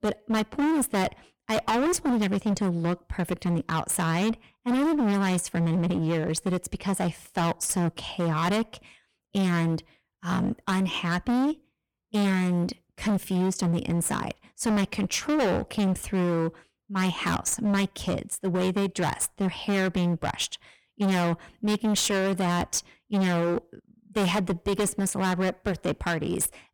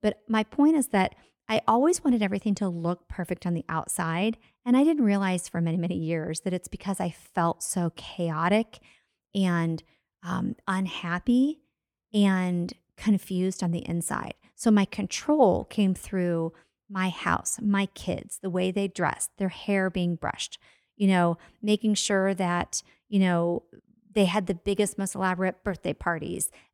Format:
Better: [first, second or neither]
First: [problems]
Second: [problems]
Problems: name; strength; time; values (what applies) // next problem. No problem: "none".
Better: second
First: distortion; heavy; 23% of the sound clipped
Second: none